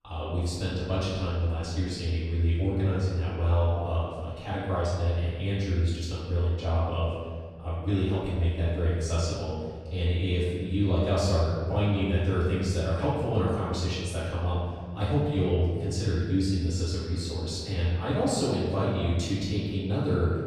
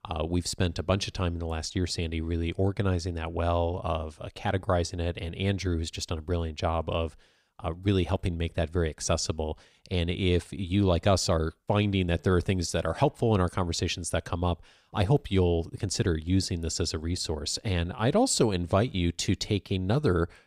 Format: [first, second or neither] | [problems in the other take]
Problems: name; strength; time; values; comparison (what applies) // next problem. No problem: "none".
second | room echo; strong; dies away in 1.7 s // off-mic speech; far